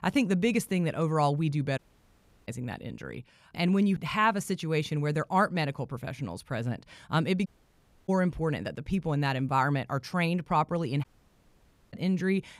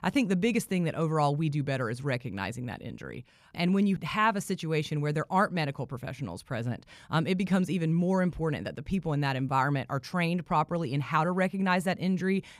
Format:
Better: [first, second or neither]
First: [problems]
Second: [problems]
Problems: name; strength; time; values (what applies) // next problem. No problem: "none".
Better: second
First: audio cutting out; at 2 s for 0.5 s, at 7.5 s for 0.5 s and at 11 s for 1 s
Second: none